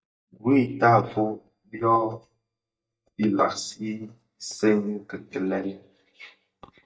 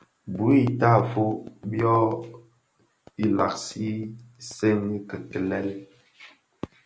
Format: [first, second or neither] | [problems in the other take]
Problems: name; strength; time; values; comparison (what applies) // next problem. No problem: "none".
second | noise reduction (neural mask model DeepFilterNet 3)